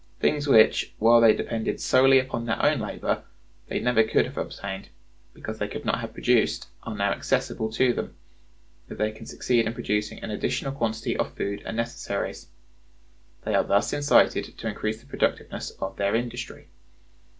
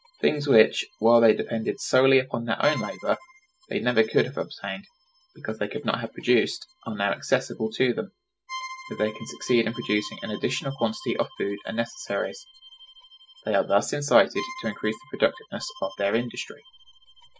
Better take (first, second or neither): first